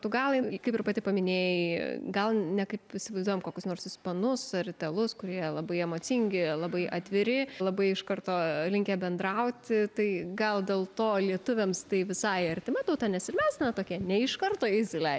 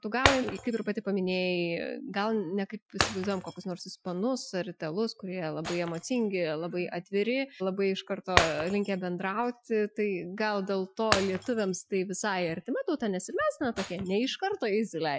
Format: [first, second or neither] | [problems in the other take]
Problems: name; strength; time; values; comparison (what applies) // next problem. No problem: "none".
first | noise reduction (classical method Wiener filter)